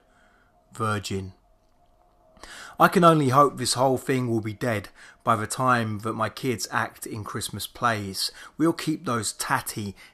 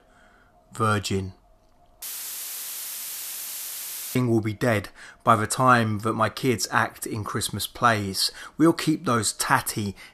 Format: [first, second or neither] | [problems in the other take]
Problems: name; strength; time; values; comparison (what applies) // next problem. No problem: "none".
first | audio cutting out; filled with static; at 2 s for 2 s